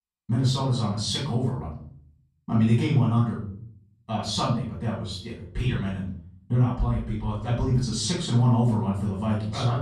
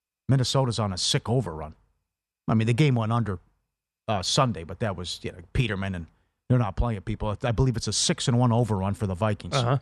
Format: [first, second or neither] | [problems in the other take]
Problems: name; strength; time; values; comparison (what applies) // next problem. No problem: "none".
second | off-mic speech; far // room echo; noticeable; dies away in 0.6 s